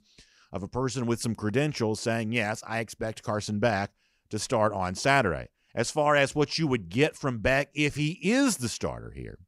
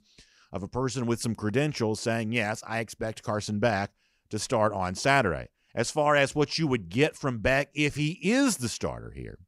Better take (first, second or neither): neither